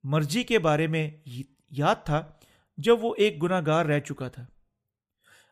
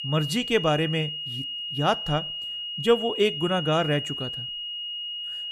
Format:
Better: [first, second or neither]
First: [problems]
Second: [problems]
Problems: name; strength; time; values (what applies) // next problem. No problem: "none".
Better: first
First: none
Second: high-pitched whine; loud; throughout; 3 kHz, 5 dB below the speech